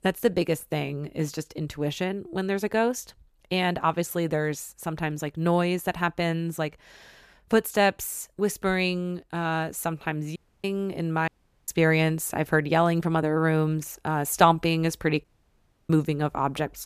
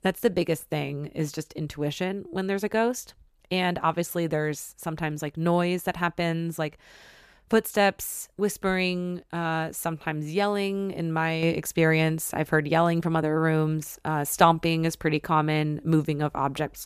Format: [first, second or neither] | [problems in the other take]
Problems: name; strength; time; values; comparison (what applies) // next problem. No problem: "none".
second | audio cutting out; at 10 s, at 11 s and at 15 s for 0.5 s